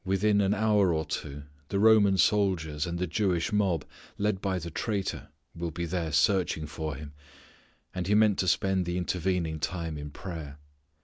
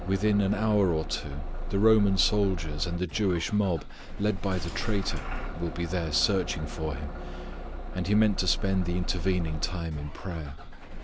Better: first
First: none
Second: background sound (Engine starting / Bus); 4 dB below the speech

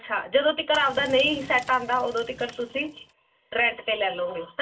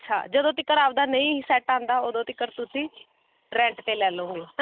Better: second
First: background sound (Fire); 19 dB below the speech // room echo; dies away in 0.2 s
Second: none

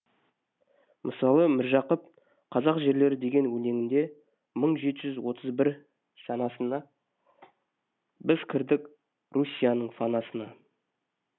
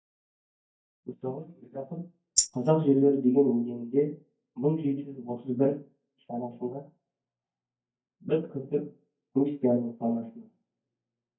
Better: first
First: none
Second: noise reduction (neural mask model DeepFilterNet 3)

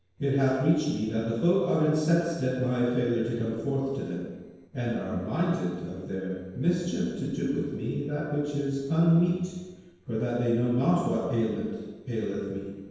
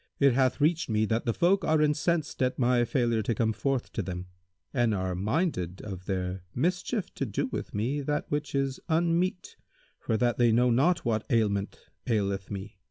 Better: second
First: noise reduction (neural separator model SepFormer DNS4)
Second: none

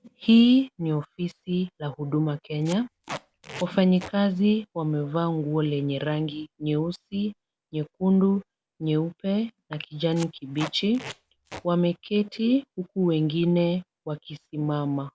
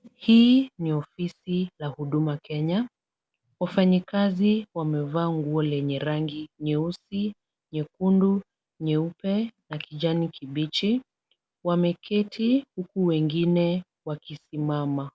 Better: second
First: background sound (Packing tape, duct tape); 16 dB below the speech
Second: none

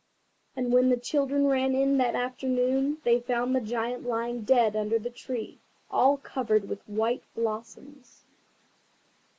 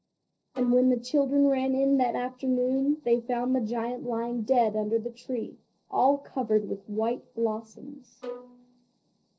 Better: first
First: none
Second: noise reduction (neural separator model SepFormer DNS4)

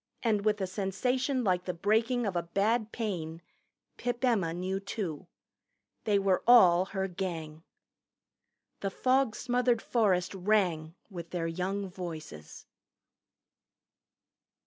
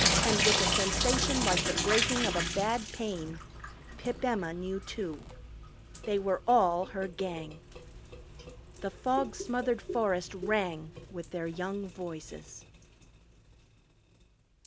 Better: first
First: none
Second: background sound (Drip / Sink (filling or washing)); 2 dB below the speech

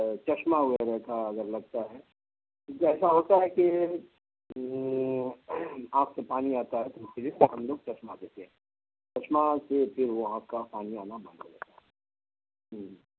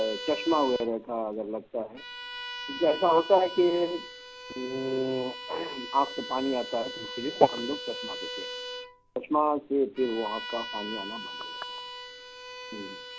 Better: first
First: none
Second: background sound (Bowed string instrument); 10 dB below the speech

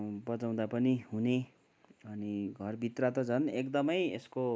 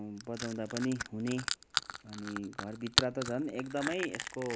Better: first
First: none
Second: background sound (Crushing); 2 dB below the speech

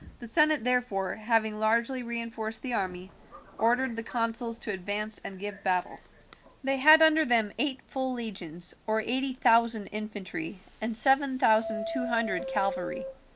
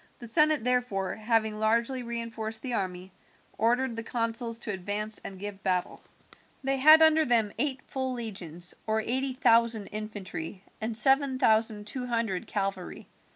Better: second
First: background sound (Subway, metro, underground); 14 dB below the speech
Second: none

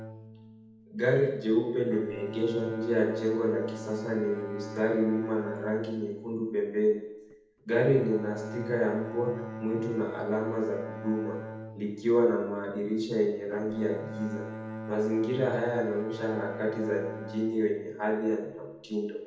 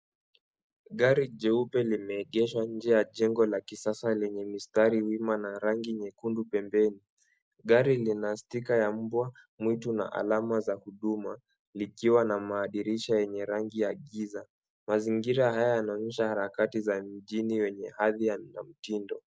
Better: second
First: background sound (Bowed string instrument); 12 dB below the speech // room echo; dies away in 0.8 s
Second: none

